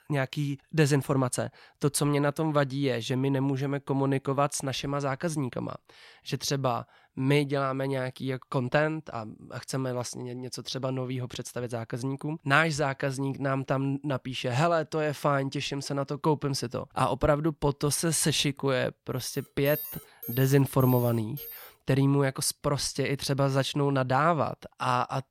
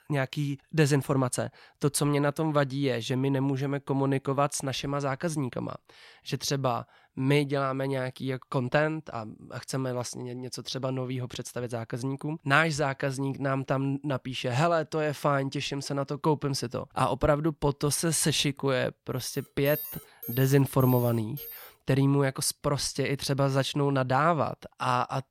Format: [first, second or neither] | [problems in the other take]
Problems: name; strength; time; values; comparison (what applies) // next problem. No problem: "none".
neither | alarm; noticeable; from 19 to 22 s; peak 7 dB below the speech; the same in both